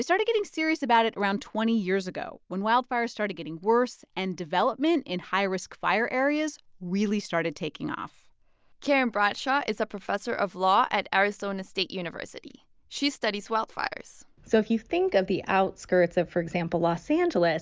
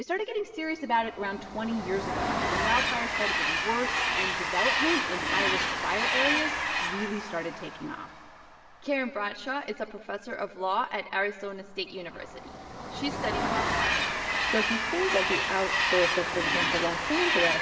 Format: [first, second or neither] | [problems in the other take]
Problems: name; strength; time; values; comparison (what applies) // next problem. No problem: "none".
first | background sound (Train); 2 dB above the speech // room echo; dies away in 1.6 s